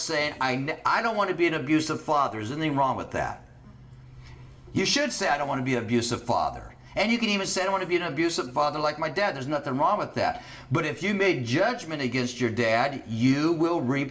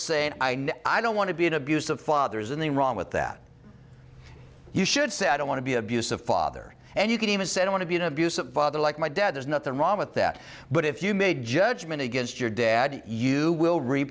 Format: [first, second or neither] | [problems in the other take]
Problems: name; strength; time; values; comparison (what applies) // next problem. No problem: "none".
second | room echo; dies away in 0.5 s